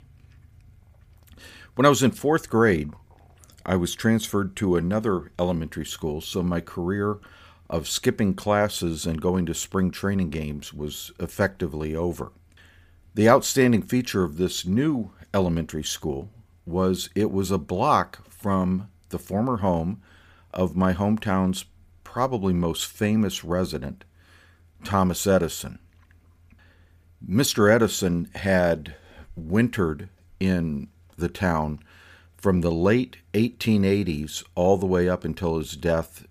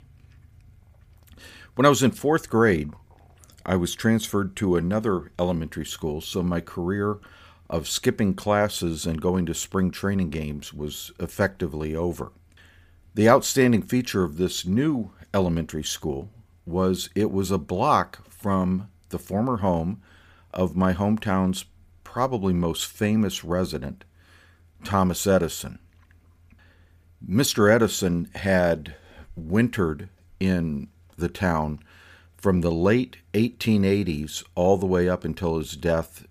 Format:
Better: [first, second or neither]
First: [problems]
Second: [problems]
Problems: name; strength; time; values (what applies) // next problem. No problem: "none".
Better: neither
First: none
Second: none